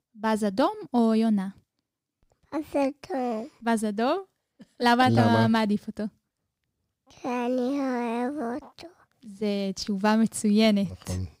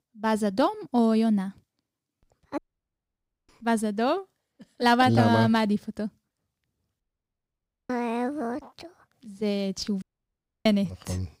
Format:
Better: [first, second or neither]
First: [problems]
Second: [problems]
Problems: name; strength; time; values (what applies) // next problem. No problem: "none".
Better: first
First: none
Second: audio cutting out; at 2.5 s for 1 s, at 7 s for 1 s and at 10 s for 0.5 s